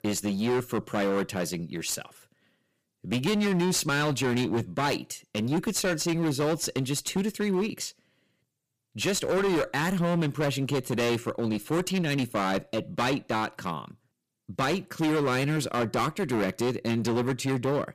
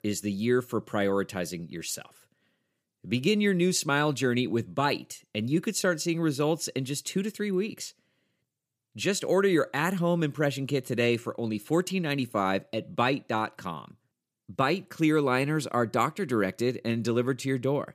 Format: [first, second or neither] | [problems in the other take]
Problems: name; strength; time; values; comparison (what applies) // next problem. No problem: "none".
second | distortion; heavy; 20% of the sound clipped